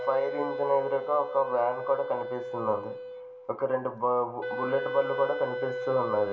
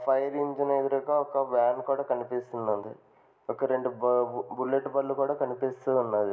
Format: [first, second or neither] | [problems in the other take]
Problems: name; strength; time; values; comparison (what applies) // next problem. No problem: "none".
second | background sound (Wind instrument, woodwind instrument); 7 dB below the speech // room echo; dies away in 0.2 s